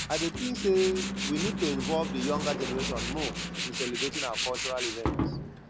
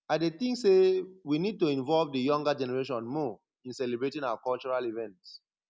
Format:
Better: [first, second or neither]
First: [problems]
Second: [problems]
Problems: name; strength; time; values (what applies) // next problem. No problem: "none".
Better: second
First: background sound (Tools + Car passing by / Engine / Truck); 1 dB below the speech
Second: none